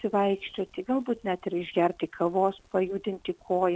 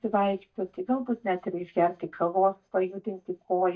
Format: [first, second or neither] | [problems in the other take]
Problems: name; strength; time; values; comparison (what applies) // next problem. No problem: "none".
first | noise reduction (neural mask model DeepFilterNet 3)